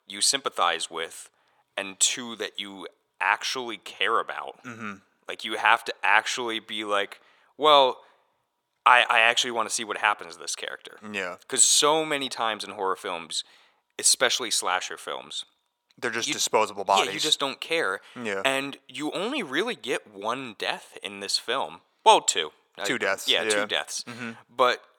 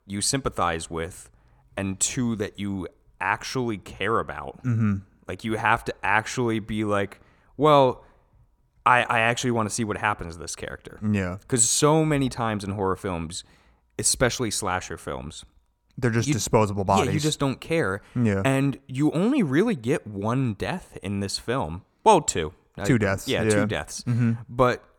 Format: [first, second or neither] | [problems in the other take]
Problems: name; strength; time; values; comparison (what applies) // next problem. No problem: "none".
second | thin; very; fading below 550 Hz